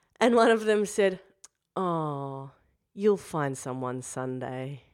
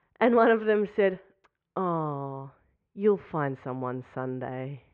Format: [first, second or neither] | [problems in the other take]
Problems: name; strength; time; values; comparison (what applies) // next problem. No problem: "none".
first | muffled; very; fading above 2.5 kHz